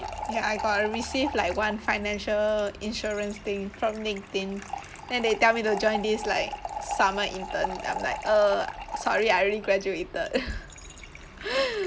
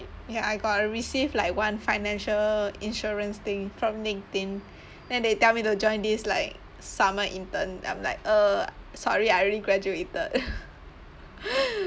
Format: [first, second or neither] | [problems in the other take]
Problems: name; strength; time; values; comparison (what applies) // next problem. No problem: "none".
second | background sound (Fill (with liquid) / Trickle, dribble); 10 dB below the speech